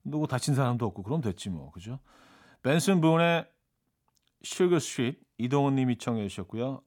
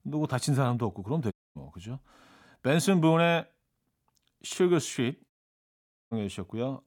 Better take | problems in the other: first | audio cutting out; at 1.5 s and at 5.5 s for 1 s

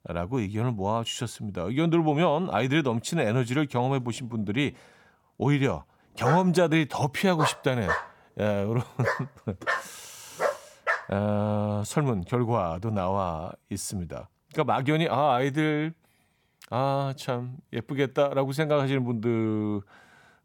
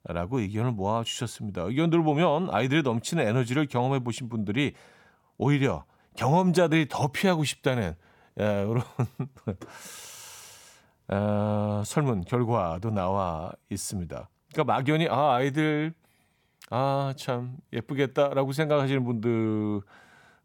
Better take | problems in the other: second | dog barking; noticeable; from 6 to 11 s; peak 2 dB below the speech

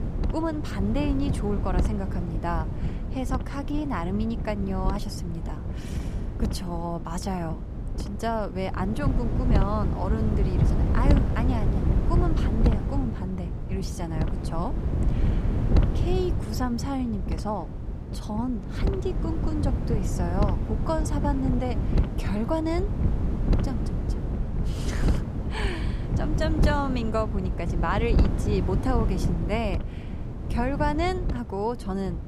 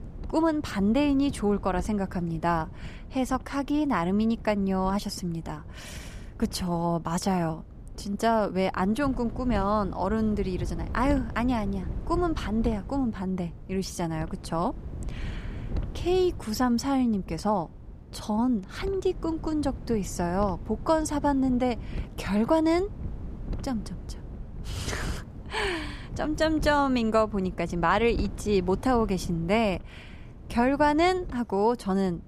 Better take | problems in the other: second | wind noise on the microphone; heavy; 6 dB below the speech; occasional gusts in the second

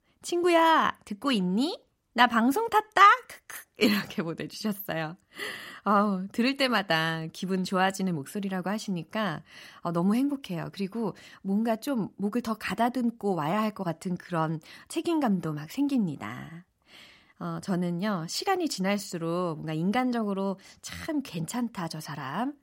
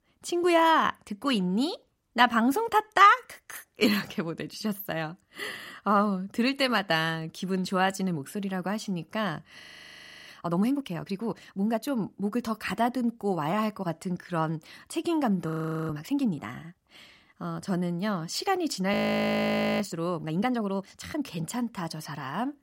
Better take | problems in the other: first | audio freezing; at 9.5 s for 0.5 s, at 15 s and at 19 s for 1 s

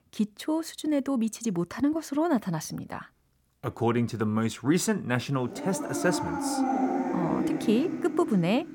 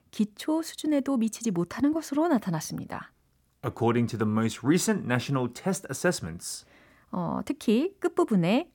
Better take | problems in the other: second | dog barking; loud; from 5.5 s on; peak 2 dB above the speech

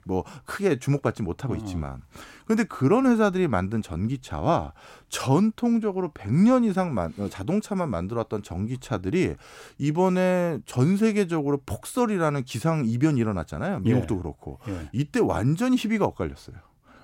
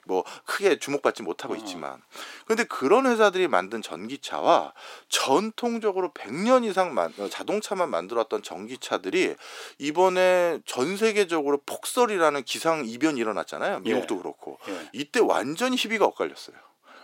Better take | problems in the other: first | thin; somewhat; fading below 350 Hz

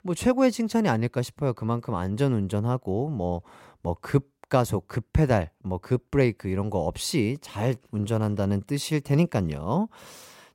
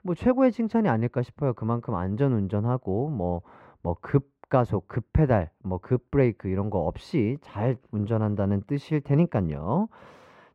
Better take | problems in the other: first | muffled; very; fading above 4 kHz

